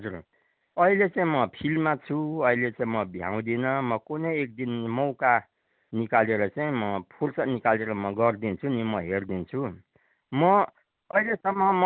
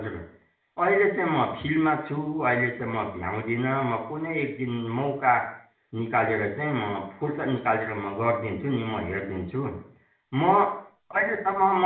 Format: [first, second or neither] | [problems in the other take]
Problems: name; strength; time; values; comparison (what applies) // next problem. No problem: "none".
first | room echo; dies away in 0.6 s